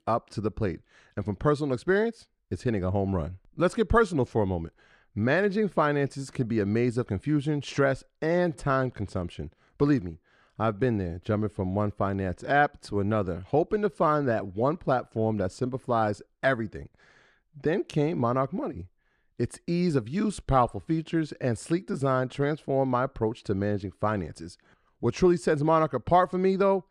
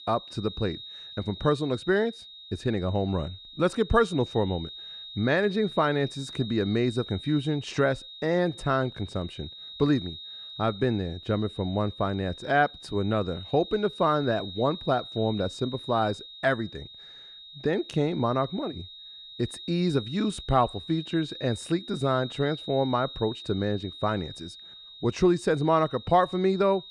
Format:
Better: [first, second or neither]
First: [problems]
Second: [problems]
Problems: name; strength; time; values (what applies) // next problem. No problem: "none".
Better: first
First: none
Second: high-pitched whine; noticeable; throughout; 4 kHz, 15 dB below the speech